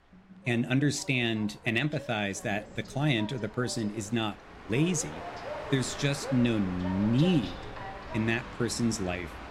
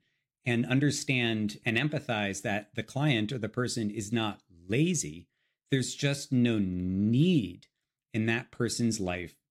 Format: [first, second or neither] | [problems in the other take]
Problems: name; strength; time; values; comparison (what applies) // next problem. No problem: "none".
second | train or aircraft noise; noticeable; throughout; 15 dB below the speech